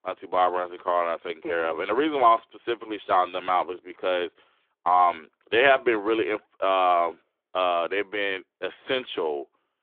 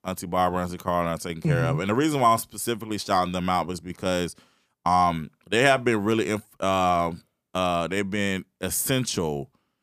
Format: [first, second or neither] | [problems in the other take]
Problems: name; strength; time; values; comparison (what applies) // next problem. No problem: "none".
second | phone-call audio; nothing above 3.5 kHz